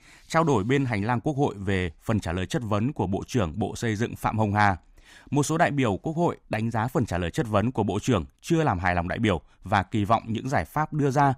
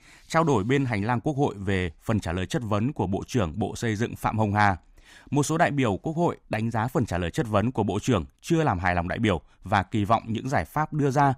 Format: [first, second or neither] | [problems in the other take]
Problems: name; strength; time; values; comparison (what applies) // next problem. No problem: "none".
neither | none